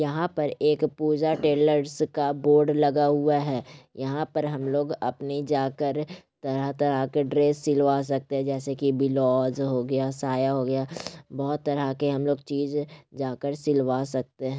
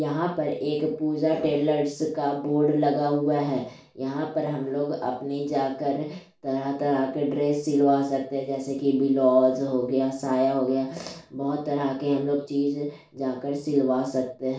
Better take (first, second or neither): first